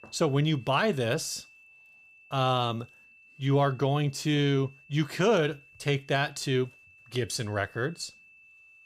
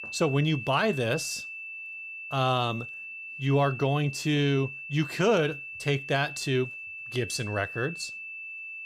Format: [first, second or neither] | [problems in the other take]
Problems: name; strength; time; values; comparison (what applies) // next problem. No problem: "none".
first | high-pitched whine; loud; throughout; 2.5 kHz, 9 dB below the speech; faint in the first